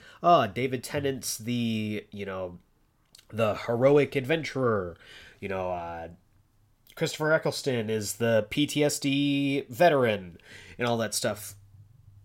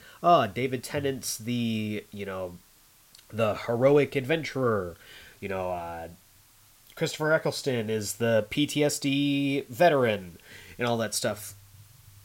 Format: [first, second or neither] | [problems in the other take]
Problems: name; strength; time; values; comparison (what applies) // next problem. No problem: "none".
first | hiss; faint; throughout; 30 dB below the speech